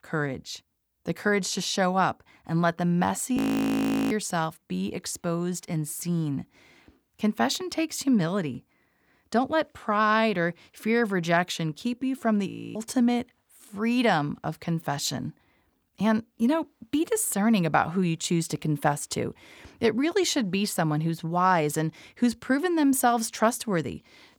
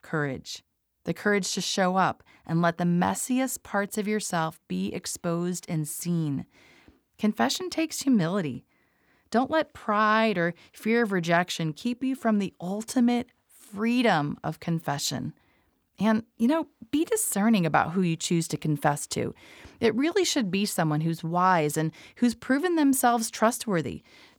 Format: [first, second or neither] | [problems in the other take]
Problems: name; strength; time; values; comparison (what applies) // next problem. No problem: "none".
second | audio freezing; at 3.5 s for 0.5 s and at 12 s